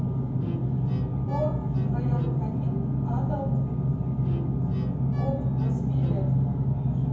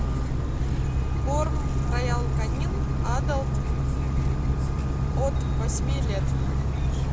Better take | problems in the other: second | background sound (Bowed string instrument); 20 dB below the speech // room echo; dies away in 0.9 s

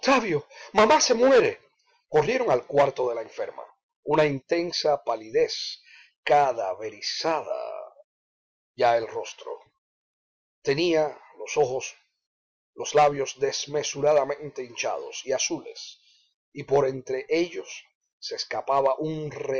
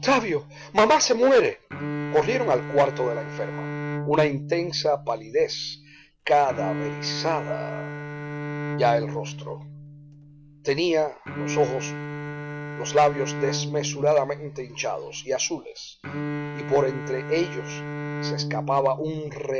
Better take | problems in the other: first | background sound (Bowed string instrument); 8 dB below the speech

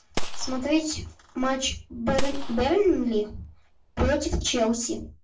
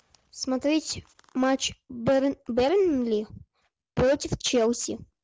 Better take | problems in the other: second | background sound (Gunshot, gunfire); 4 dB below the speech // room echo; dies away in 0.3 s

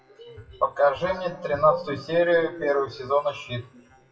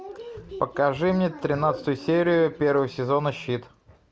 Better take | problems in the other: second | noise reduction (classical method WPE with log-MMSE)

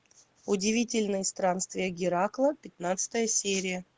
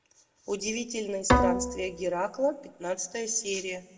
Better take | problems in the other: first | background sound (Bowed string instrument); 2 dB above the speech // room echo; dies away in 1.3 s

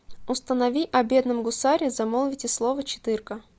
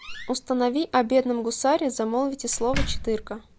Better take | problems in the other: first | background sound (Slam); 9 dB below the speech

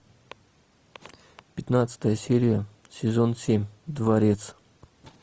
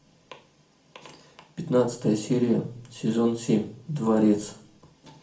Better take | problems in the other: first | room echo; dies away in 0.4 s

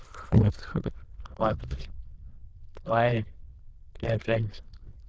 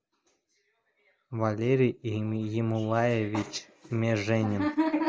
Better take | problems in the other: second | noise reduction (neural diffusion model UNIVERSE++)

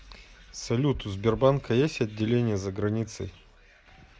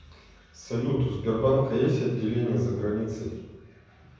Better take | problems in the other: first | room echo; dies away in 1.1 s

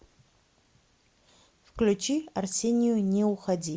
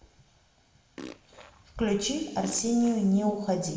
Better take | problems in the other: first | background sound (Fart); 17 dB below the speech // room echo; dies away in 1.2 s

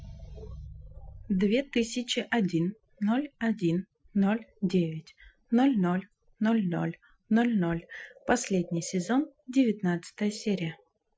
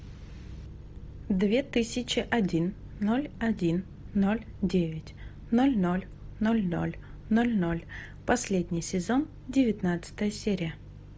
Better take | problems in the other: second | noise reduction (classical method Wiener filter)

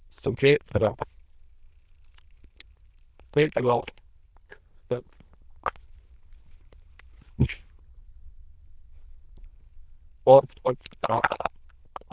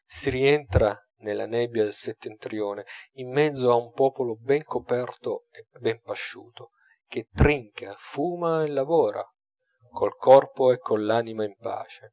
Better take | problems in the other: second | noise reduction (neural diffusion model UNIVERSE++)

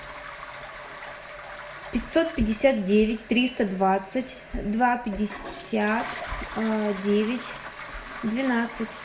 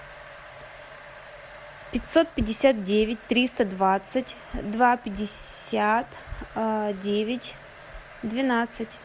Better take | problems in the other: second | background sound (Toilet flush); 14 dB below the speech // room echo; dies away in 0.5 s

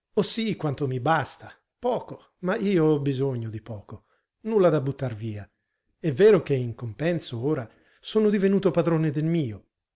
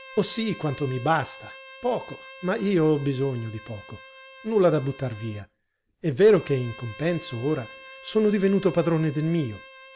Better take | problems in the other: first | background sound (Bowed string instrument); 20 dB below the speech

